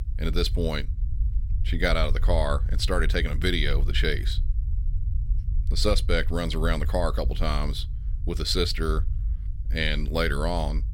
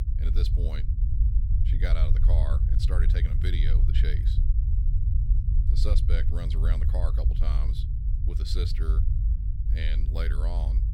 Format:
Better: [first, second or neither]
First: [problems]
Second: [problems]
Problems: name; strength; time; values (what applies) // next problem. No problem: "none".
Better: first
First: low rumble; faint; throughout; 20 dB below the speech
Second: low rumble; loud; throughout; 4 dB below the speech